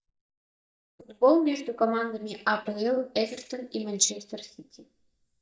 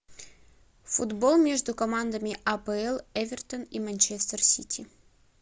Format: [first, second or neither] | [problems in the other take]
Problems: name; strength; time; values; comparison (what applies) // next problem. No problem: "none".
second | noise reduction (neural mask model DeepFilterNet 3)